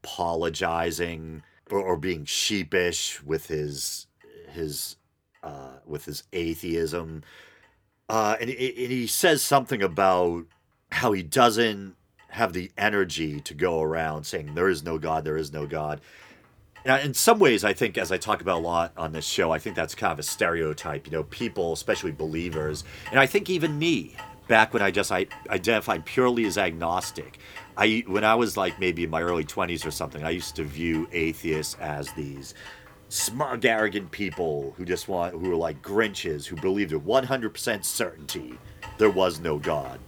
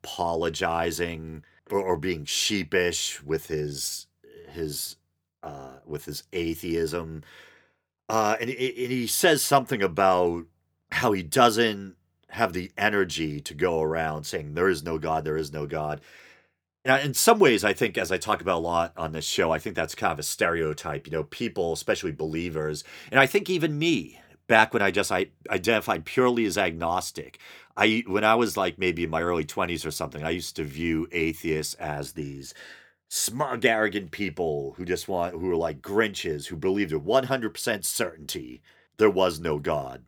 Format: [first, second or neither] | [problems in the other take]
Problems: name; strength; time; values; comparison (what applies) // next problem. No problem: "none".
second | household noises; faint; throughout; 20 dB below the speech